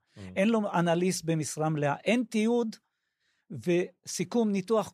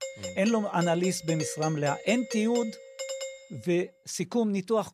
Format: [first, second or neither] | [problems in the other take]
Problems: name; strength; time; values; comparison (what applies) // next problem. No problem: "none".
first | doorbell; noticeable; until 3.5 s; peak 7 dB below the speech